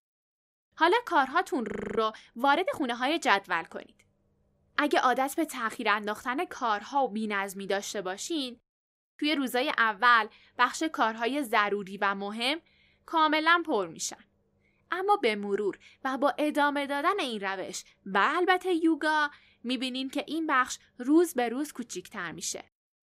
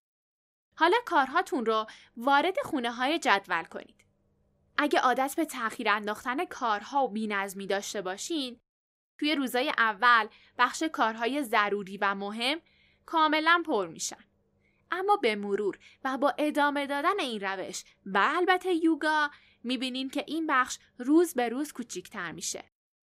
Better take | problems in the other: second | audio freezing; at 1.5 s

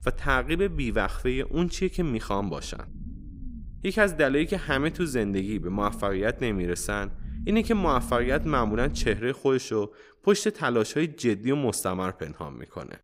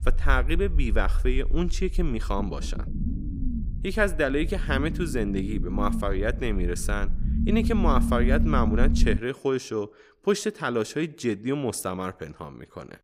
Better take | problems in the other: first | low rumble; loud; until 9 s; 9 dB below the speech; faint in the first

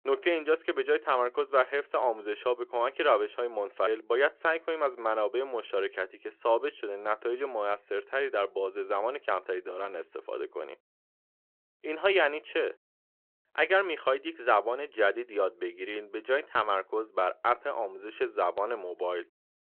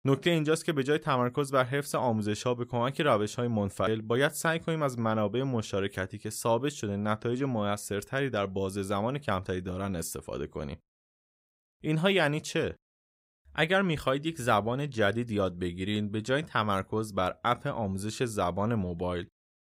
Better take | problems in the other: second | phone-call audio

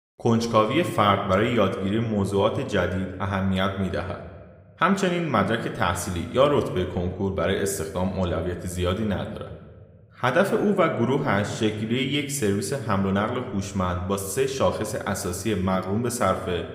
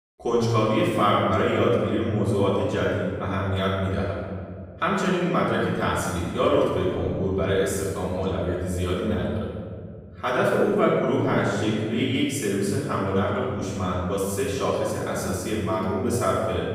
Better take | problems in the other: first | room echo; strong; dies away in 2 s; slight in the first // off-mic speech; far

